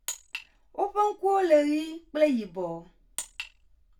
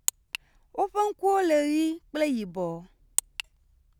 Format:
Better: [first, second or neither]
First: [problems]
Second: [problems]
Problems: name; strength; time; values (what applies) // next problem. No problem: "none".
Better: second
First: room echo; dies away in 0.2 s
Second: none